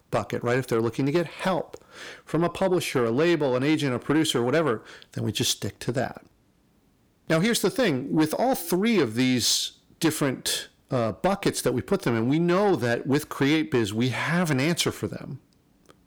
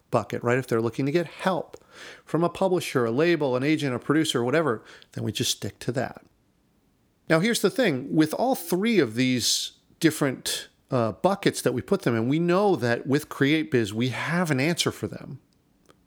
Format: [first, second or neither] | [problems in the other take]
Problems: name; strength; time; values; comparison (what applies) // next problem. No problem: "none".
second | distortion; slight; 10 dB below the speech